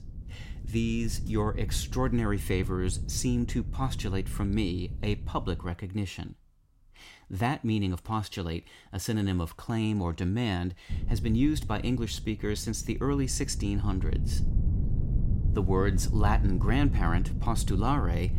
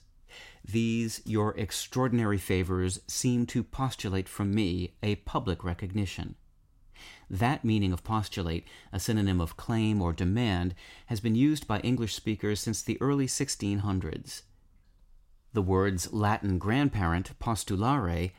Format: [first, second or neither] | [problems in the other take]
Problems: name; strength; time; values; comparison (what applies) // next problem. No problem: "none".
second | wind noise on the microphone; occasional gusts; until 5.5 s and from 11 s on; 15 dB below the speech